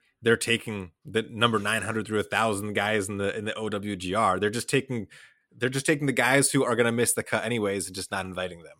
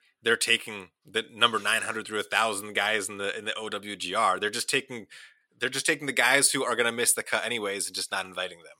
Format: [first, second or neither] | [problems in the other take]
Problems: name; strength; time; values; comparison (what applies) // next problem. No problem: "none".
first | thin; somewhat; fading below 850 Hz